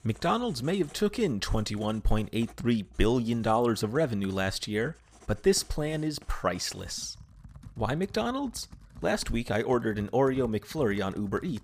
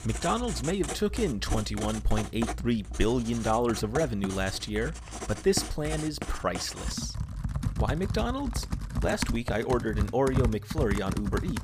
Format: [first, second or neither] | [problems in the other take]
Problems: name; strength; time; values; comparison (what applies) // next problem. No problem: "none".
first | household noises; loud; throughout; 5 dB below the speech; faint in the first